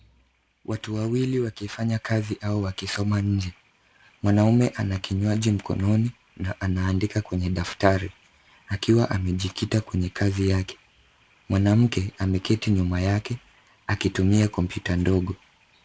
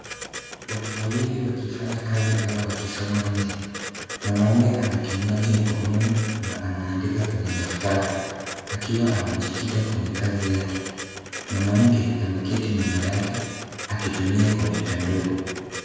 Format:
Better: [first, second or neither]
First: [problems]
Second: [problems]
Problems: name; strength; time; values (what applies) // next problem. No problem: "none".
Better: first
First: none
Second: background sound (Printer); 11 dB below the speech // room echo; dies away in 1.9 s